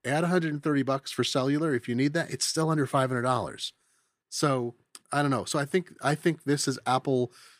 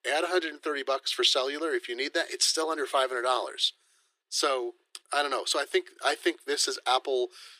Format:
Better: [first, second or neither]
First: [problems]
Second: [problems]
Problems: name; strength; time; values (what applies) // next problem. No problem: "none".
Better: first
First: none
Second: thin; very; fading below 350 Hz